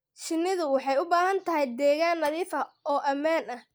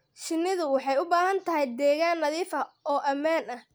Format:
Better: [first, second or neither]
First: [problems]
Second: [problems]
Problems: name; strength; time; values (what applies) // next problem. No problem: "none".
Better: second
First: noise reduction (neural mask model DeepFilterNet 3)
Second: none